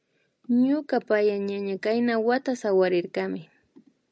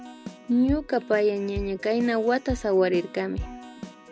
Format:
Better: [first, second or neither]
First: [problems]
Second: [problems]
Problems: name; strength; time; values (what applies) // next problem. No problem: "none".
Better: first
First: none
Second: background sound (Keyboard (musical)); 12 dB below the speech